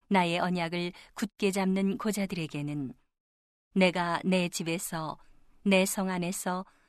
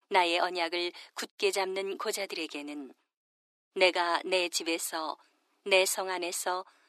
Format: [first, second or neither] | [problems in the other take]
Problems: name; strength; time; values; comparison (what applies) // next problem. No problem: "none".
first | thin; very; fading below 300 Hz